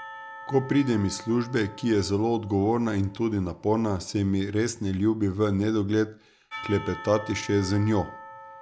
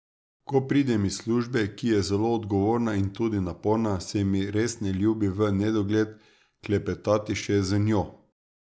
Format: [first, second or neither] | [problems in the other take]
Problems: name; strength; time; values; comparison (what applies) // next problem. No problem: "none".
second | background sound (Church bell / Percussion); 18 dB below the speech